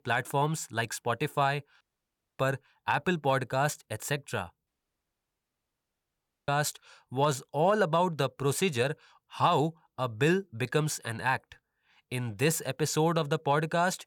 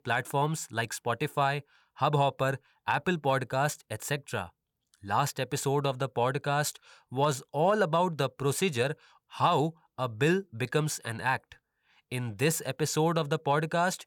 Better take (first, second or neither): second